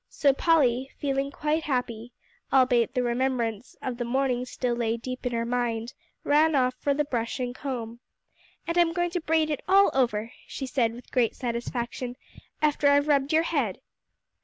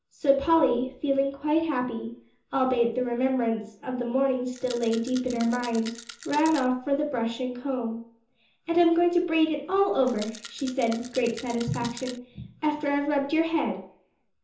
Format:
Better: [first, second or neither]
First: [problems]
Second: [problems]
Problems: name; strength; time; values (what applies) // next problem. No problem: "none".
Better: first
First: none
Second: background sound (Rattle); 17 dB below the speech // room echo; dies away in 0.6 s